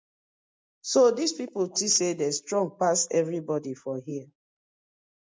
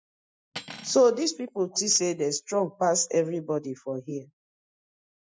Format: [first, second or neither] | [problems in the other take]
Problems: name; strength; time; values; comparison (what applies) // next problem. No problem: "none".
first | noise reduction (classical method Wiener filter)